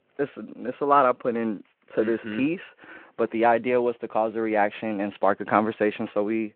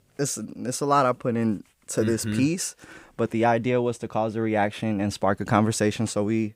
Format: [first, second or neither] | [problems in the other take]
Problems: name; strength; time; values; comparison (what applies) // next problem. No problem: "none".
second | phone-call audio